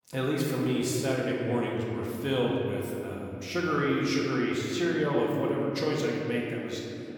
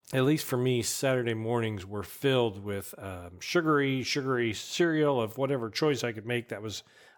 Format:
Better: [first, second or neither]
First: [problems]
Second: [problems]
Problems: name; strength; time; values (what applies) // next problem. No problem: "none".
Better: second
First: room echo; noticeable; dies away in 2.7 s // off-mic speech; somewhat distant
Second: none